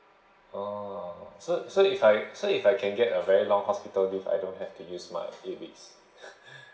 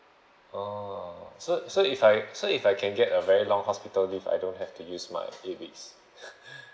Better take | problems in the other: second | room echo; dies away in 0.8 s

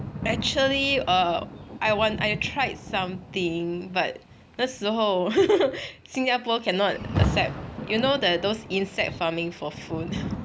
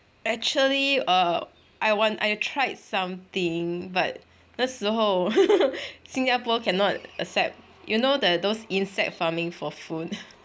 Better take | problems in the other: second | background sound (Rain); 8 dB below the speech

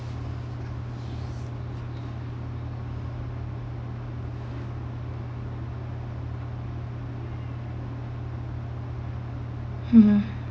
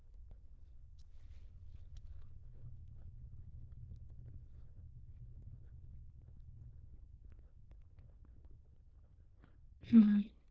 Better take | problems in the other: first | noise reduction (neural diffusion model UNIVERSE++)

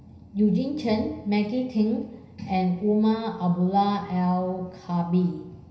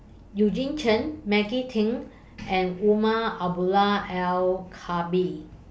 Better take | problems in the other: second | room echo; dies away in 0.9 s

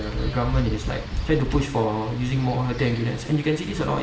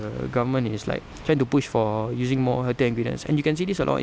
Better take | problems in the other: second | background sound (Wind); 6 dB below the speech // room echo; dies away in 0.8 s

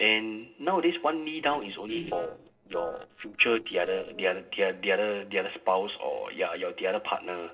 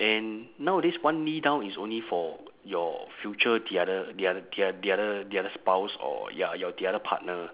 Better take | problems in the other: second | noise reduction (neural separator model SepFormer DNS4)

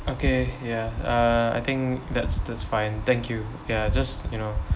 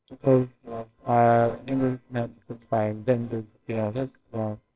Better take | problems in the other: first | noise reduction (neural separator model SepFormer WHAMR!)

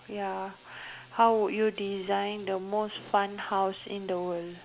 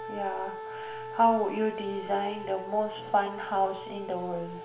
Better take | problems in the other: first | background sound (Wind instrument, woodwind instrument); 10 dB below the speech // room echo; dies away in 0.6 s

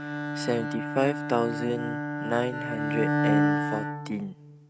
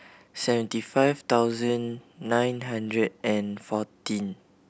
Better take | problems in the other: second | noise reduction (neural mask model RNNoise)

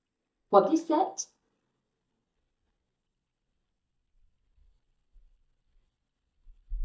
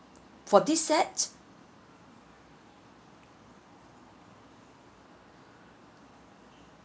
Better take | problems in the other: second | noise reduction (neural mask model DeepFilterNet 3)

